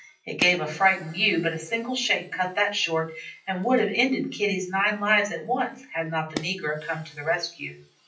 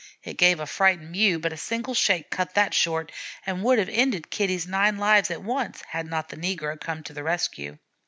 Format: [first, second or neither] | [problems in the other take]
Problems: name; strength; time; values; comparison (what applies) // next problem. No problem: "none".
second | noise reduction (classical method WPE with log-MMSE)